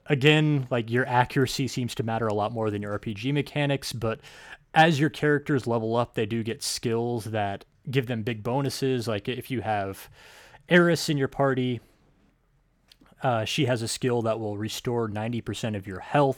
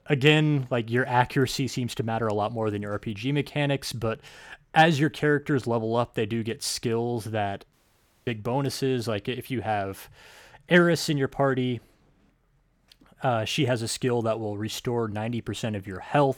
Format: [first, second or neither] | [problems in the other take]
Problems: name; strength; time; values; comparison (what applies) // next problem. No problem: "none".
first | audio cutting out; at 7.5 s for 0.5 s